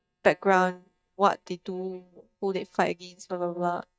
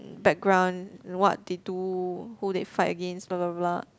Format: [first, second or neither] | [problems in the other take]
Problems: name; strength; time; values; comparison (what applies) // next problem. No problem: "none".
second | noise reduction (neural mask model DeepFilterNet 3)